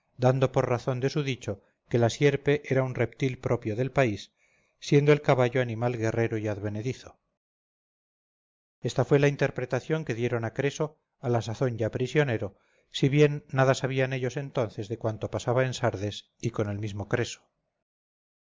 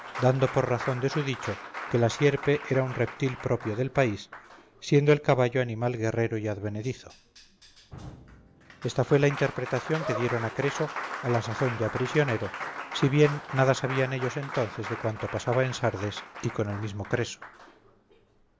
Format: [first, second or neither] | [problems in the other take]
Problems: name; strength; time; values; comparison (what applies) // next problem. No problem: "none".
first | background sound (Applause); 12 dB below the speech